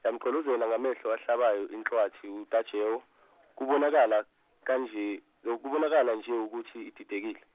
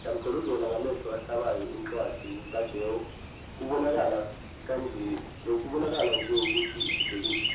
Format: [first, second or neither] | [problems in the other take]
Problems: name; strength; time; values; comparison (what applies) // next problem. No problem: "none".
first | background sound (Chirp, tweet); 5 dB below the speech // room echo; dies away in 0.7 s